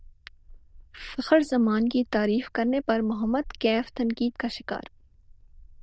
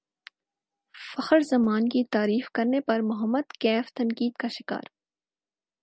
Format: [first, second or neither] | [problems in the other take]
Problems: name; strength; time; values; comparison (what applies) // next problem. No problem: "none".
second | noise reduction (neural diffusion model UNIVERSE++)